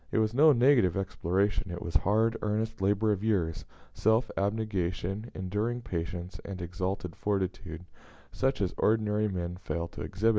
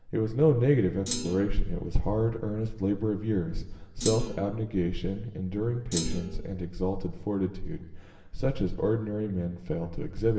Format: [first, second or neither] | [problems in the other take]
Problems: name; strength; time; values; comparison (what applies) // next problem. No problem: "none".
first | background sound (Thump, thud); 9 dB below the speech // room echo; dies away in 1.1 s